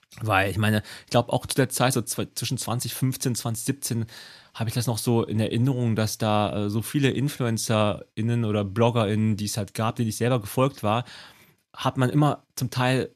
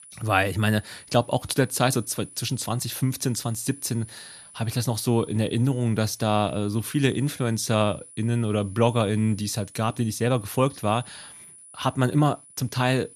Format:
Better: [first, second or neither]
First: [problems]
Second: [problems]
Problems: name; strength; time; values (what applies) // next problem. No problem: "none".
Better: first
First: none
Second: high-pitched whine; noticeable; throughout; 10 kHz, 20 dB below the speech